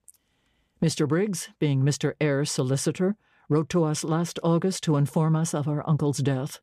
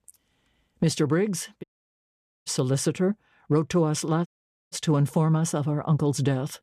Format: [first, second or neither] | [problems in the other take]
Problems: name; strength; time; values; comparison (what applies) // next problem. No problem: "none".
first | audio cutting out; at 1.5 s for 1 s and at 4.5 s